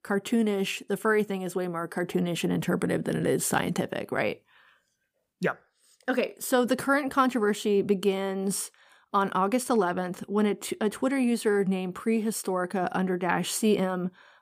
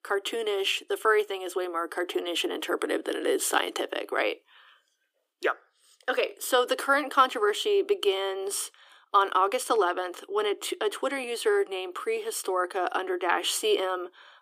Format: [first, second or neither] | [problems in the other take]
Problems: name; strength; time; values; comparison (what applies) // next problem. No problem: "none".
first | thin; very; fading below 300 Hz